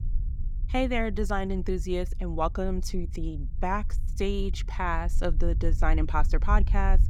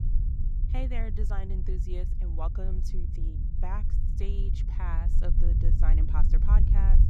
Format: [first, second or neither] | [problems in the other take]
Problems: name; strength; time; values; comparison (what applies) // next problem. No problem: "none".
first | low rumble; loud; throughout; 4 dB below the speech; faint in the first